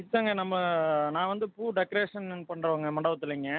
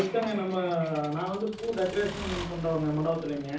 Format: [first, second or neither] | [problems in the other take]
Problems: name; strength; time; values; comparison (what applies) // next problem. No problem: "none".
first | background sound (Accelerating, revving, vroom / Mechanisms); 13 dB below the speech // room echo; dies away in 0.6 s